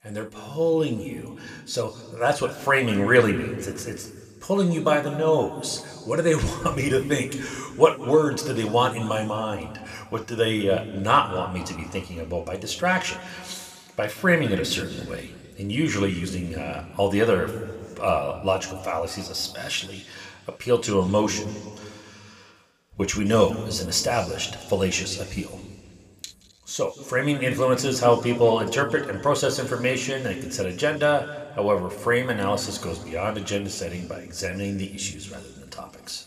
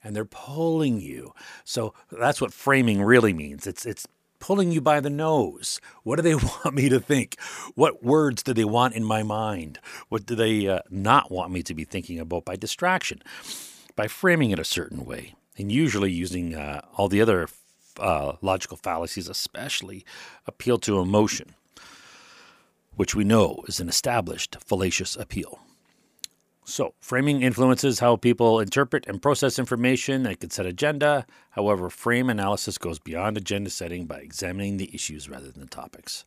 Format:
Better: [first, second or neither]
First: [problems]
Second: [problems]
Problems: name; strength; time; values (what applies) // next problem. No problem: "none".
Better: second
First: room echo; slight; dies away in 1.7 s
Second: none